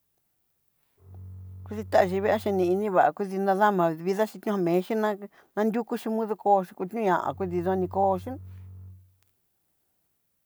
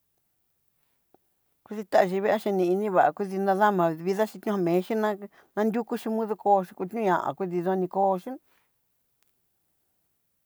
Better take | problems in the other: second | background sound (Bowed string instrument); 17 dB below the speech

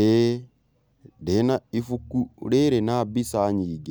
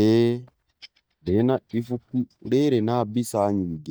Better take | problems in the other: first | noise reduction (neural mask model DeepFilterNet 3)

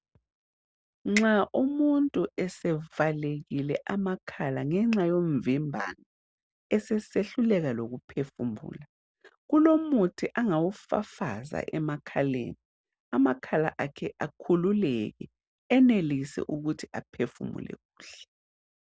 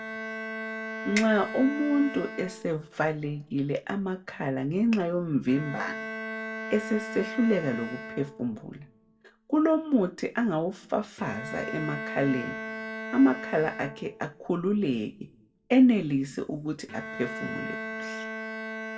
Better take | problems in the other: first | background sound (Bowed string instrument); 10 dB below the speech // room echo; dies away in 0.4 s

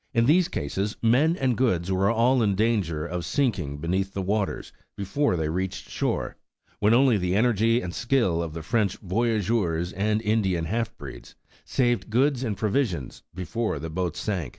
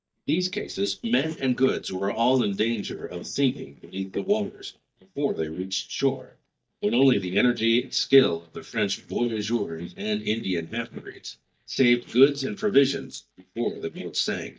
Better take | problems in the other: first | noise reduction (neural mask model DeepFilterNet 3)

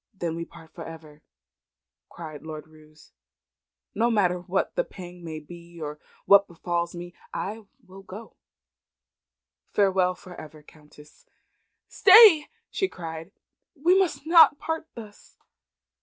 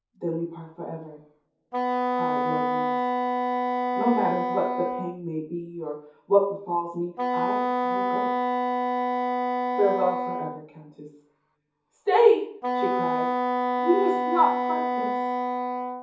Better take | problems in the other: first | background sound (Wind instrument, woodwind instrument); 1 dB above the speech // room echo; dies away in 0.6 s

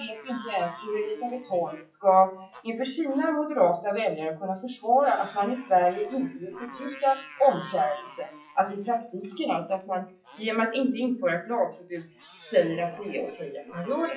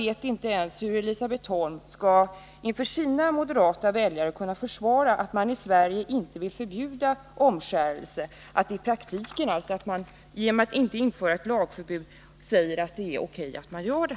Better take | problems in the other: second | noise reduction (classical method WPE with log-MMSE)

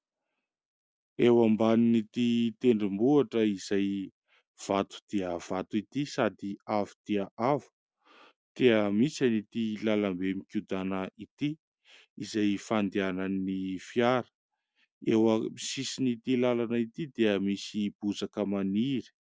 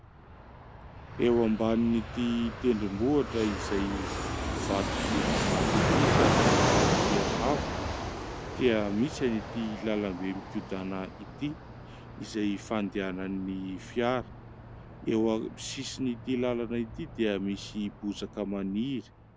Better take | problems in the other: first | background sound (Fixed-wing aircraft, airplane); 1 dB below the speech

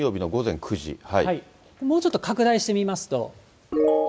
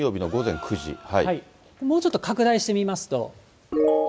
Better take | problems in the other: first | background sound (Gasp); 20 dB below the speech

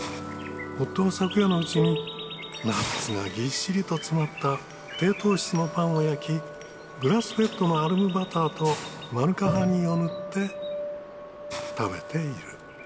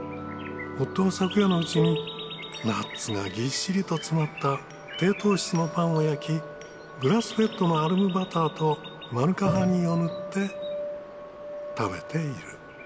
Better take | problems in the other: second | background sound (Hiss); 17 dB below the speech

